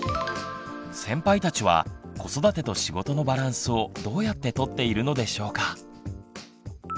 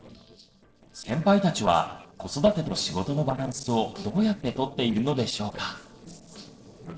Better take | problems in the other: first | noise reduction (neural separator model SepFormer DNS4)

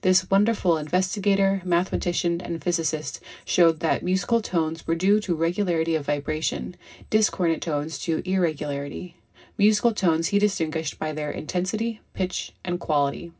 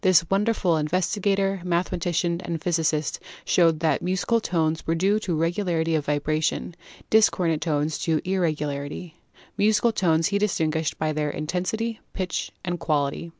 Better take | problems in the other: second | room echo; dies away in 0.4 s

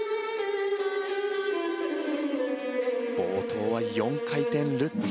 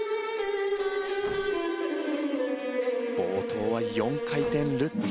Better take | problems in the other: first | background sound (Bus); 20 dB below the speech

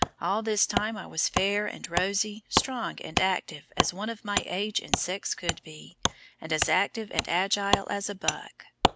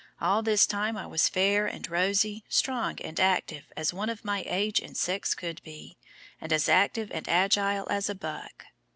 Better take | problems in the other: second | background sound (Wood); 2 dB below the speech

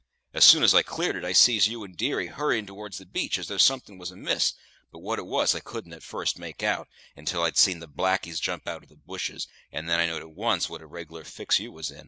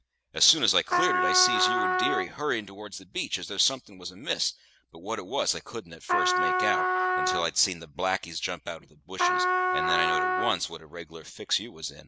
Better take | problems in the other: first | background sound (Trumpet); 3 dB above the speech

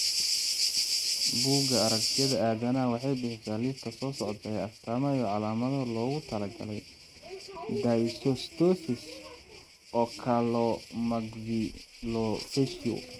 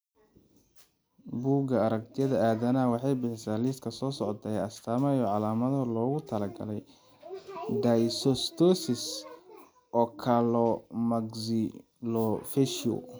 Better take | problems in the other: second | noise reduction (neural mask model RNNoise)

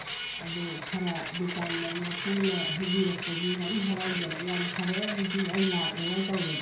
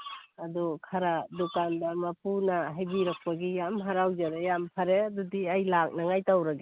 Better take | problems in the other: second | background sound (Printer); 4 dB below the speech // room echo; dies away in 0.6 s

